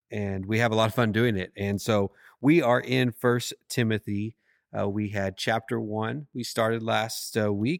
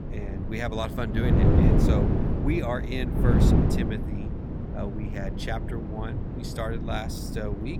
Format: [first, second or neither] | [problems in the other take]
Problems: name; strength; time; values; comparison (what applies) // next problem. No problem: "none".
first | wind noise on the microphone; heavy; as loud as the speech